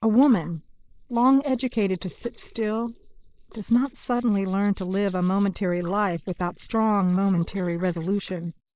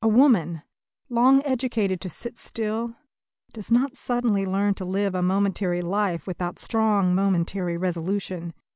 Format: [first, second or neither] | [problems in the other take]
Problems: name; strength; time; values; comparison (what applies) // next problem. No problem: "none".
second | noise reduction (neural mask model Resemble Enhance denoiser)